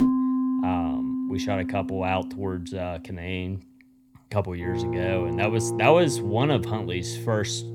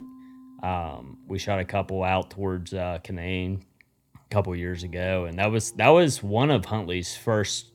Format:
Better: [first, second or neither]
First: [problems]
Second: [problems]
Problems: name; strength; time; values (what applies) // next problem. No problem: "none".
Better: second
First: background music; loud; throughout; 2 dB below the speech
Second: background music; faint; throughout; 25 dB below the speech